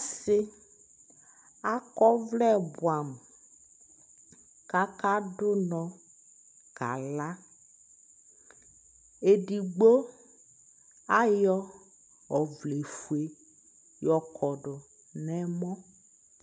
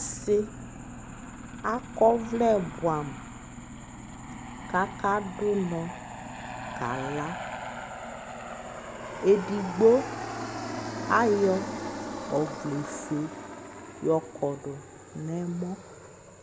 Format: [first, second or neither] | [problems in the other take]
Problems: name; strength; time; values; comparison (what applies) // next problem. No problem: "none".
first | background sound (Aircraft); 9 dB below the speech